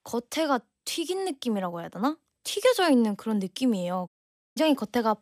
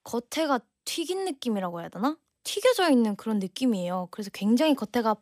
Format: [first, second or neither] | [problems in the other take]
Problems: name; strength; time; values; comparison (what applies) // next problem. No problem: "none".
second | audio cutting out; at 4 s